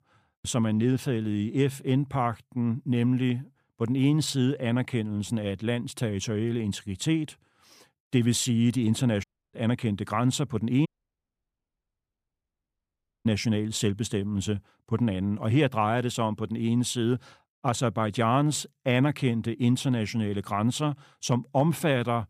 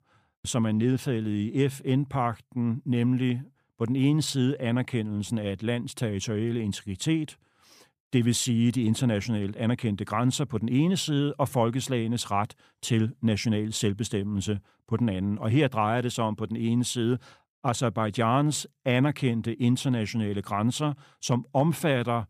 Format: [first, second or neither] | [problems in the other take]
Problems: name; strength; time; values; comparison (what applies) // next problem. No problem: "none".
second | audio cutting out; at 9 s and at 11 s for 2.5 s